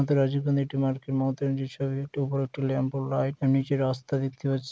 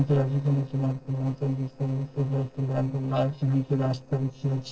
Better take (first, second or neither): first